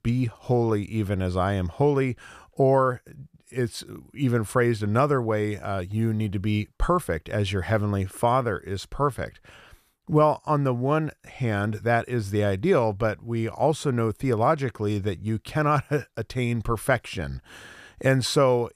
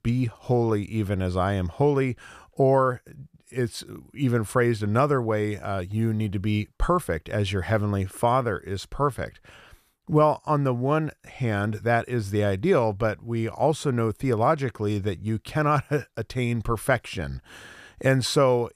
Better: neither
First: none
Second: none

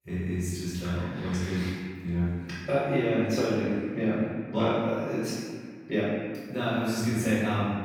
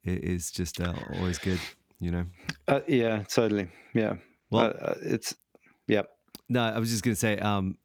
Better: second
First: off-mic speech; far // room echo; strong; dies away in 1.7 s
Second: none

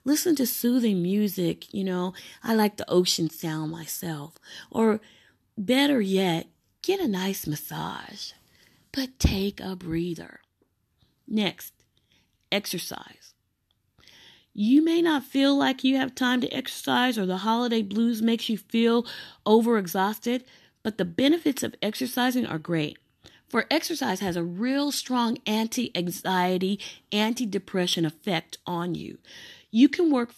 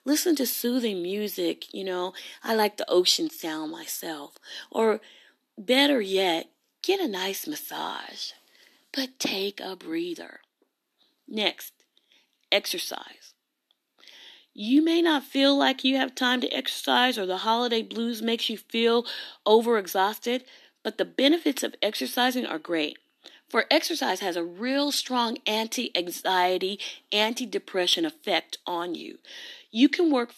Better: first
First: none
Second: thin; very slightly; fading below 250 Hz

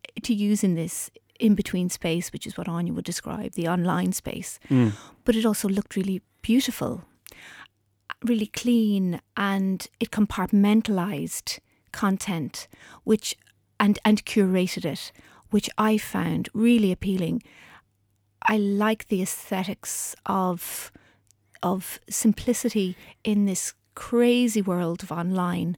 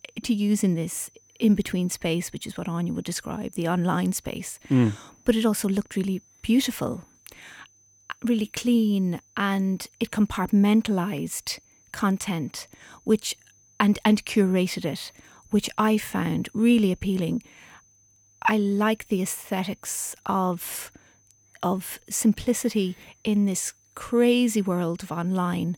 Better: first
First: none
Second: high-pitched whine; faint; throughout; 6 kHz, 30 dB below the speech

